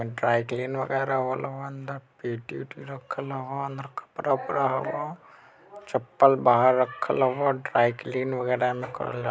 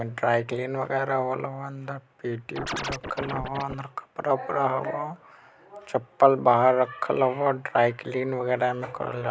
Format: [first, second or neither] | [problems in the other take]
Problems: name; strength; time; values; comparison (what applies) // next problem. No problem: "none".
first | background sound (Scratching (performance technique)); 8 dB below the speech